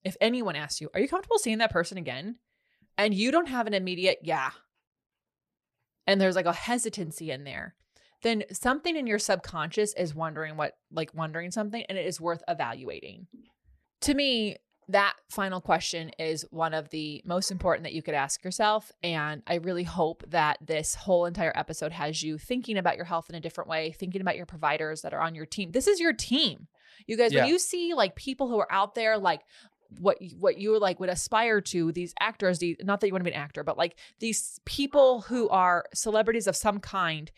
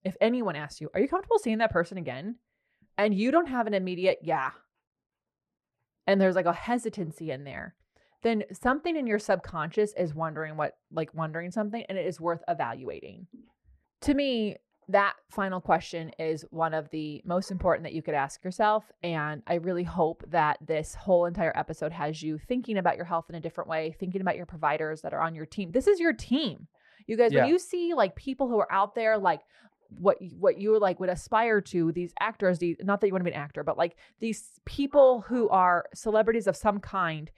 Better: first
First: none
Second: muffled; slightly; fading above 2.5 kHz

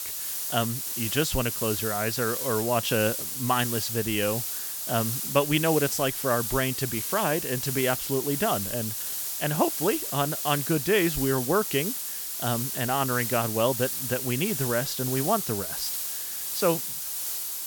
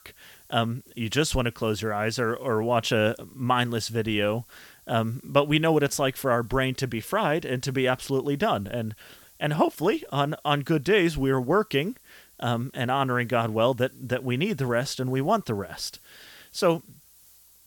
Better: second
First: hiss; loud; throughout; 2 dB below the speech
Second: hiss; faint; throughout; 25 dB below the speech

